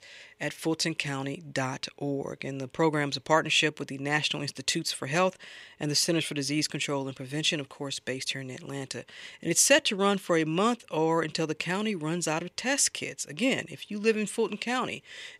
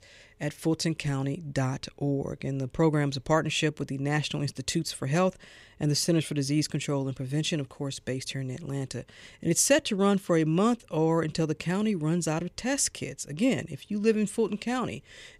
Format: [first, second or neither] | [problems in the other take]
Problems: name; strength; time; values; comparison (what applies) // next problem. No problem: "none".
second | thin; very slightly; fading below 650 Hz